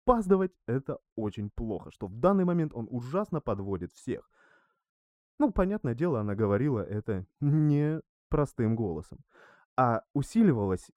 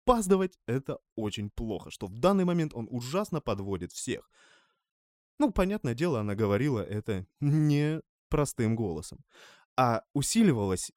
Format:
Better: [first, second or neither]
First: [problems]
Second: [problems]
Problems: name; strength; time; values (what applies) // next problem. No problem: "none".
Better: second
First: muffled; very; fading above 2 kHz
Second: none